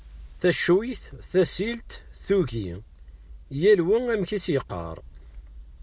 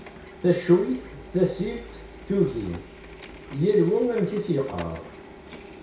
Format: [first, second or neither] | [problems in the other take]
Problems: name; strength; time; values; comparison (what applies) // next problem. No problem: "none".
first | background sound (Printer); 17 dB below the speech // room echo; dies away in 0.6 s